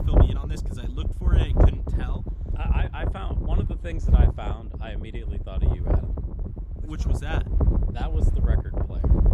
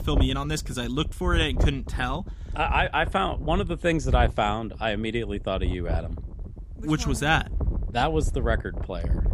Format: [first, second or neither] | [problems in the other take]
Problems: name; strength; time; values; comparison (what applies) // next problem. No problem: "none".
second | wind noise on the microphone; heavy; 2 dB above the speech; occasional gusts in the second